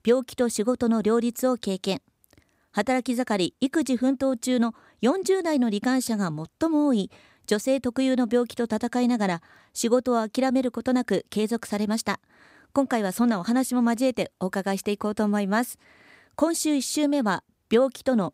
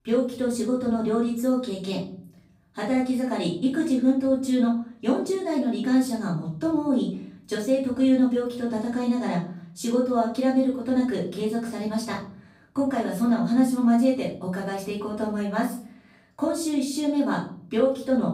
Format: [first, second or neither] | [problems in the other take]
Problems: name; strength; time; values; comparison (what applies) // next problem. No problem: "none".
first | off-mic speech; far // room echo; noticeable; dies away in 0.8 s